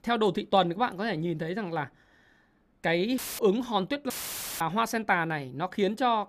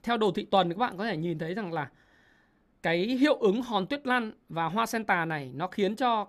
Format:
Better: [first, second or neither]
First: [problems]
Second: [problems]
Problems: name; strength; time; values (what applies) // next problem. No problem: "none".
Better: second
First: audio cutting out; filled with static; at 3 s and at 4 s for 0.5 s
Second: none